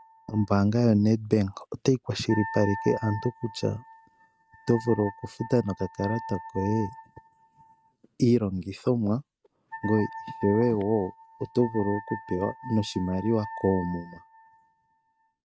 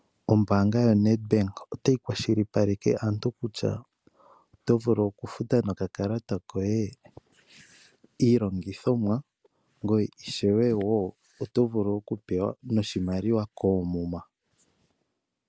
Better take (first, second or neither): second